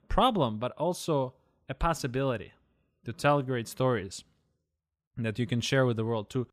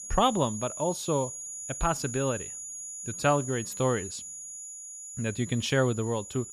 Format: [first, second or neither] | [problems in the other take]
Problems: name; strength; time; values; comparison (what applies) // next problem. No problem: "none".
first | high-pitched whine; loud; throughout; 7 kHz, 8 dB below the speech